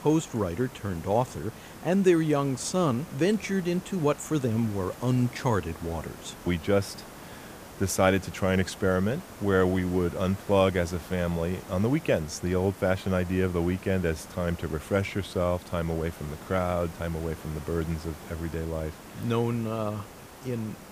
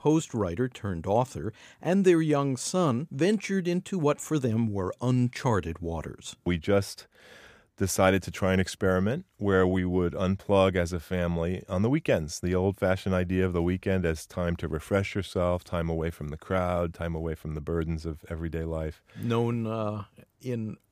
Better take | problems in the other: second | hiss; noticeable; throughout; 15 dB below the speech

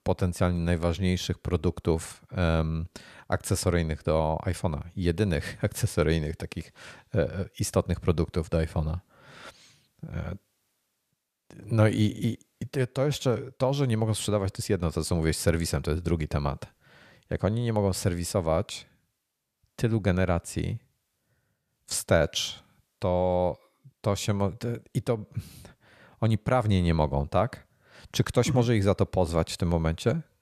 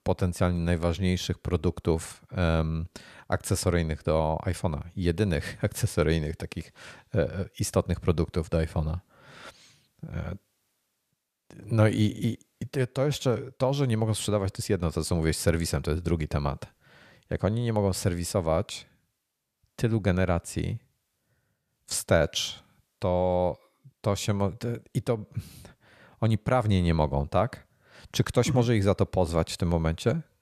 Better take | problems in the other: neither | none

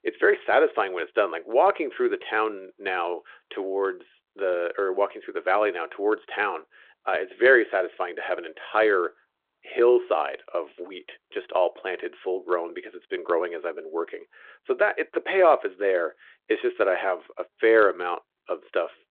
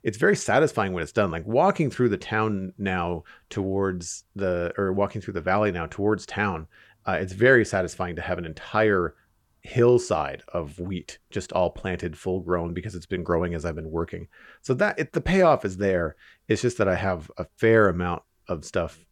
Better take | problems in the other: second | phone-call audio

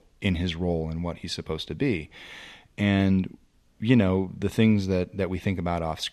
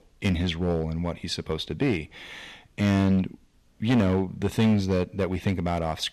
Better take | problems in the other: first | distortion; slight; 5% of the sound clipped

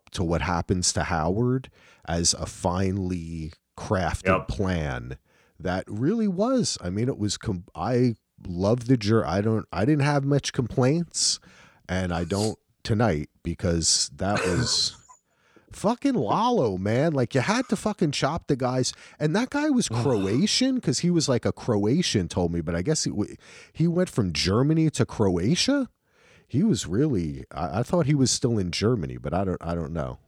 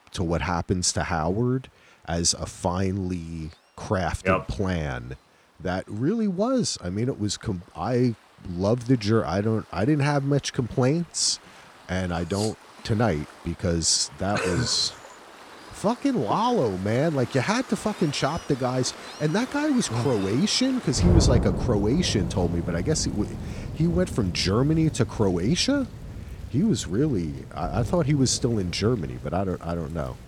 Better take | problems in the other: first | rain or running water; loud; throughout; 9 dB below the speech

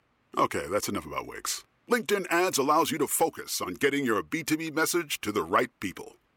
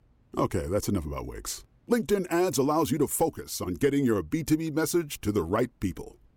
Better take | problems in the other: second | thin; somewhat; fading below 500 Hz

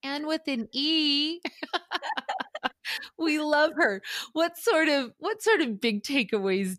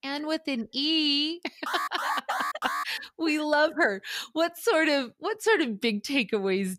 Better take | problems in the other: first | alarm; noticeable; from 1.5 to 3 s; peak 3 dB below the speech

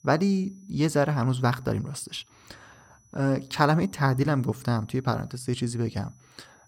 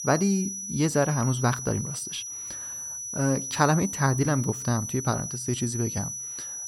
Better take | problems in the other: first | high-pitched whine; loud; throughout; 6 kHz, 6 dB below the speech; faint in the first

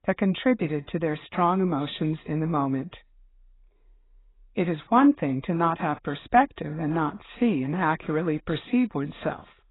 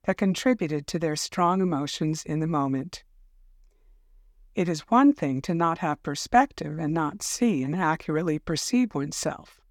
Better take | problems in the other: second | garbled, watery; badly; nothing above 4 kHz

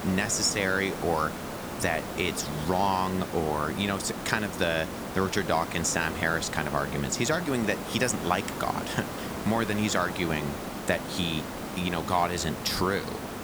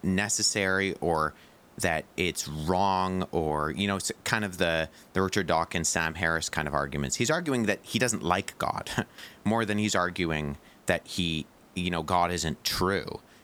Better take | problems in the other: second | hiss; loud; throughout; 7 dB below the speech; faint in the second

